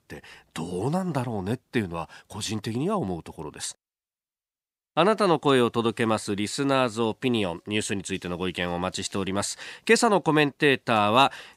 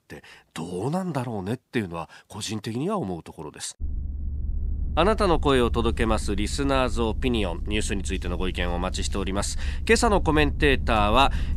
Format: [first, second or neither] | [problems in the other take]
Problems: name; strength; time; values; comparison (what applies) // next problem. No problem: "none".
first | low rumble; faint; from 4 s on; 25 dB below the speech